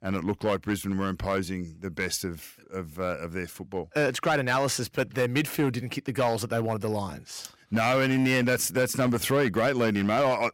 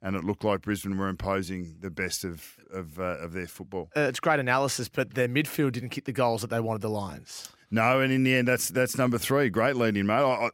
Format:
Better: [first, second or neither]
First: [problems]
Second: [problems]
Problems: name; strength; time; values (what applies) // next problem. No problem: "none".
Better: second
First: distortion; slight; 5% of the sound clipped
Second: none